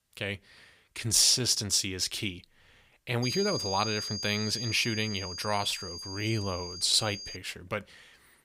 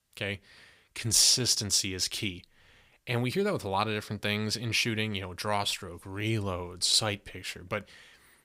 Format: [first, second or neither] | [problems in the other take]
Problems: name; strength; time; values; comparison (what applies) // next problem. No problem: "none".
second | high-pitched whine; loud; from 3 to 7.5 s; 5 kHz, 7 dB below the speech